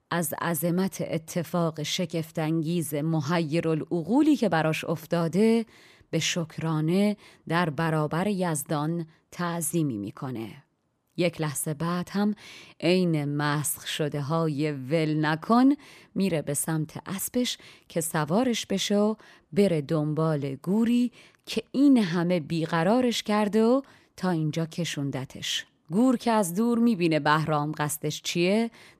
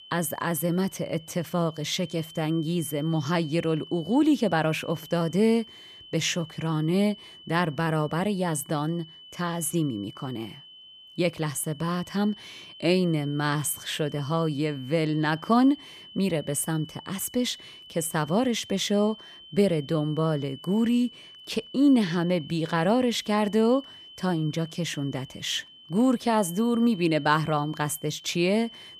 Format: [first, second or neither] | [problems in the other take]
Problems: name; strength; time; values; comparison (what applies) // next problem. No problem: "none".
first | high-pitched whine; noticeable; throughout; 3 kHz, 20 dB below the speech